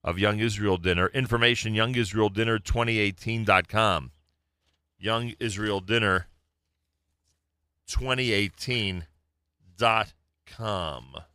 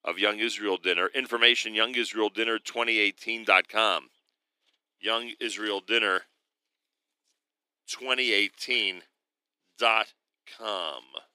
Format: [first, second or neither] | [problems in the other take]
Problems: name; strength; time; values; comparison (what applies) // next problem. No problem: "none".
first | thin; somewhat; fading below 250 Hz